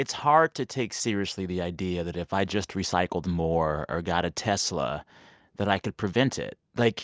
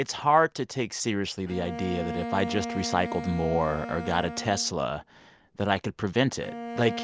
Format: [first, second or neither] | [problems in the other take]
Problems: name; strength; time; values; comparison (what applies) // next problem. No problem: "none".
first | background sound (Bowed string instrument); 10 dB below the speech